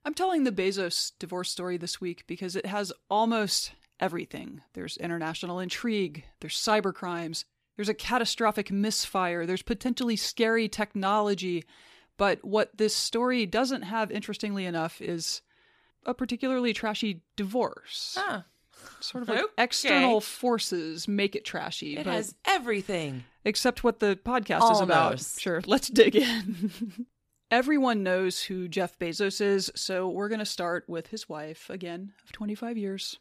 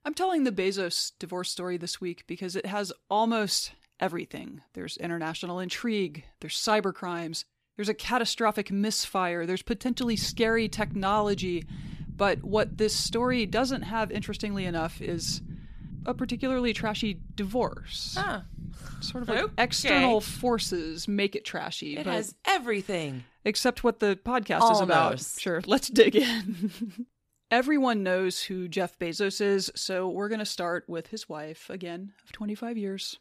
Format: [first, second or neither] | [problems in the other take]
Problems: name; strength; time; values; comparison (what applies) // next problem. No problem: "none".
first | low rumble; faint; from 10 to 21 s; 25 dB below the speech